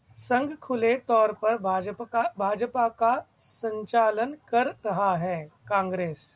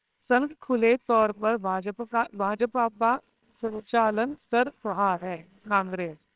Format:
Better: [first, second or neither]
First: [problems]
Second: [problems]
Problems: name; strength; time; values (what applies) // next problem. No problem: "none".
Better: first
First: none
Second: noise reduction (neural separator model SepFormer WHAMR!)